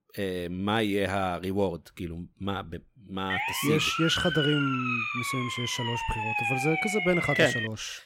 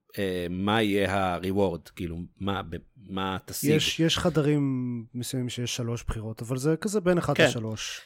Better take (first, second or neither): second